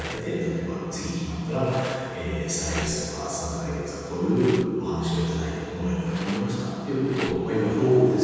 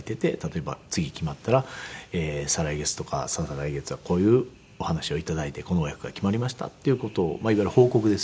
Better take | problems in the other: second | background sound (Rattle); 16 dB below the speech // room echo; dies away in 2.1 s

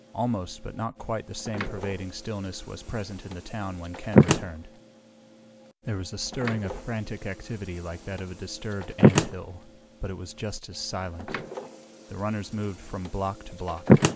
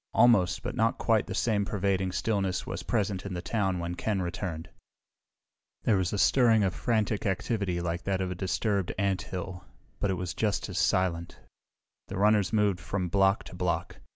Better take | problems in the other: second | background sound (Slam); 5 dB above the speech

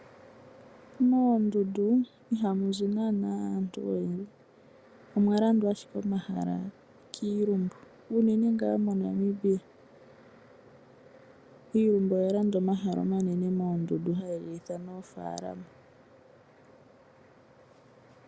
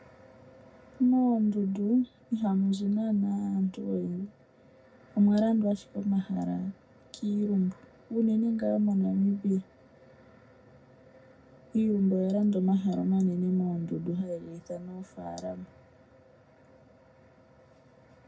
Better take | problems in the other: first | room echo; dies away in 0.4 s

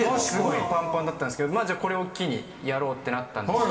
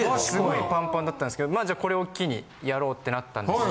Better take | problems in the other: second | room echo; dies away in 2.3 s

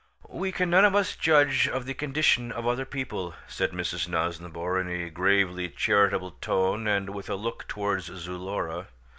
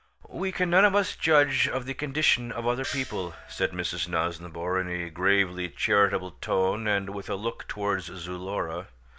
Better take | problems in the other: first | background sound (Gong); 12 dB below the speech

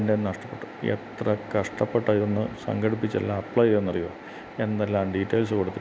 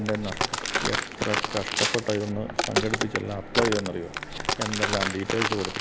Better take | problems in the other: first | background sound (Walk, footsteps); 1 dB above the speech

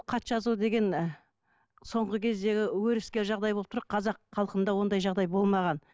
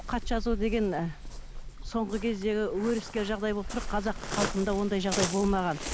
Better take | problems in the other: first | background sound (Waves, surf); 6 dB below the speech

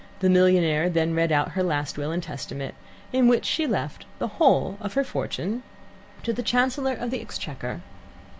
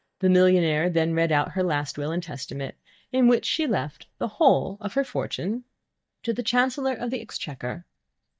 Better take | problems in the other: first | noise reduction (neural mask model DeepFilterNet 3)

